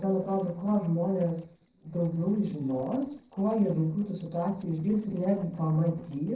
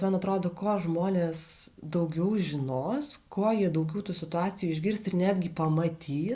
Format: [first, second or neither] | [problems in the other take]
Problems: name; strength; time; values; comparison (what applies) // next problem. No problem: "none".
second | noise reduction (neural separator model SepFormer DNS4)